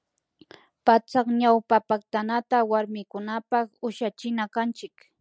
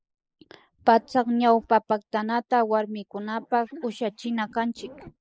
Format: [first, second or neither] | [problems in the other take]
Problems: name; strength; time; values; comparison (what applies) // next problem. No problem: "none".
first | noise reduction (neural mask model Resemble Enhance denoiser)